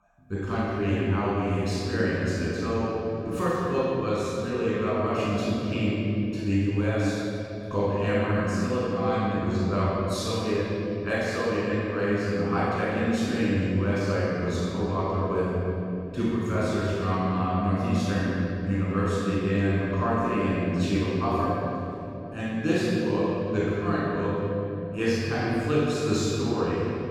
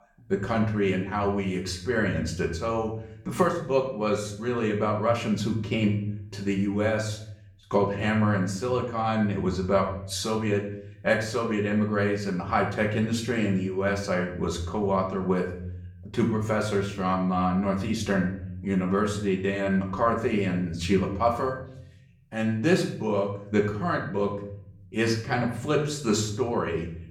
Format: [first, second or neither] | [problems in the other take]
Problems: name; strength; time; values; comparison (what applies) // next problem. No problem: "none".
second | room echo; strong; dies away in 3 s; slight in the second // off-mic speech; far; somewhat distant in the second